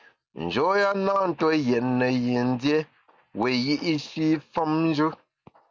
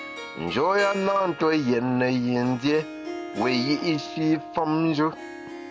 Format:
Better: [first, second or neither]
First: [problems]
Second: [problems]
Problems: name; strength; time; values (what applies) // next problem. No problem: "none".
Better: first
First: none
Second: background sound (Harp); 12 dB below the speech